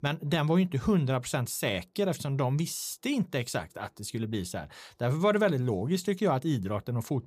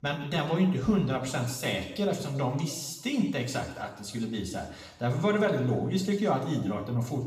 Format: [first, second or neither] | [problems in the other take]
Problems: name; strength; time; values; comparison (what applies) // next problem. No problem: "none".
first | room echo; noticeable; dies away in 1 s // off-mic speech; far